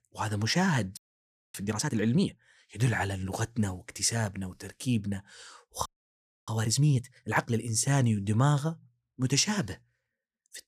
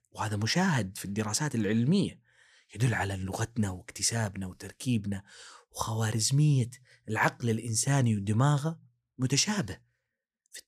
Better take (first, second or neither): second